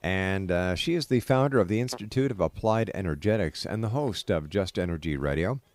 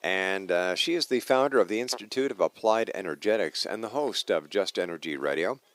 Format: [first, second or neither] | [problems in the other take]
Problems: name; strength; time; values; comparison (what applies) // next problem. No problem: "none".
first | thin; somewhat; fading below 350 Hz